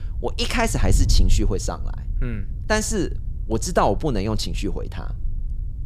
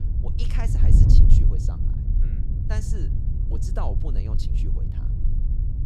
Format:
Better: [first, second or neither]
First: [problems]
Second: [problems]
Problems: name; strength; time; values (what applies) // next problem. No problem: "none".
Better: first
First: wind noise on the microphone; occasional gusts; 20 dB below the speech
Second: wind noise on the microphone; heavy; 1 dB above the speech